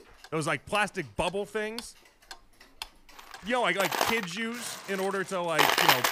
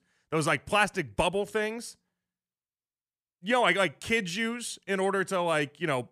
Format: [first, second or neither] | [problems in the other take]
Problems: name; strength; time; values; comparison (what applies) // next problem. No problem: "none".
second | household noises; very loud; throughout; 3 dB above the speech